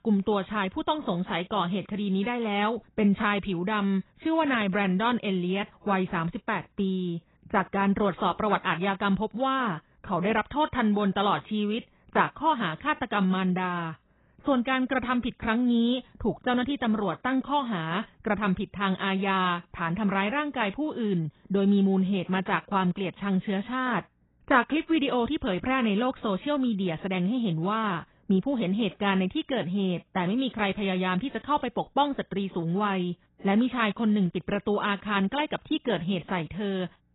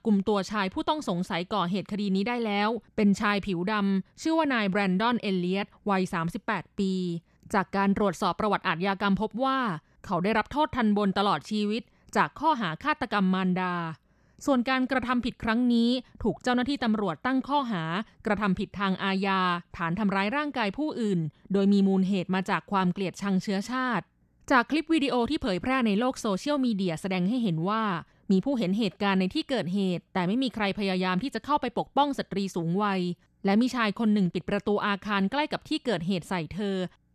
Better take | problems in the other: second | garbled, watery; badly; nothing above 4 kHz

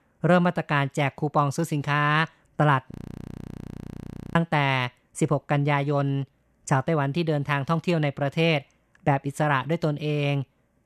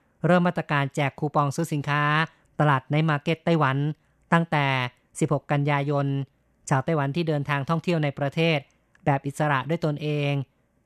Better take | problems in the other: second | audio freezing; at 3 s for 1.5 s

